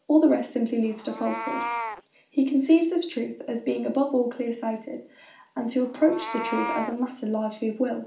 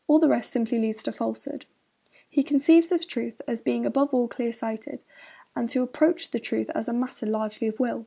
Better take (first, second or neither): second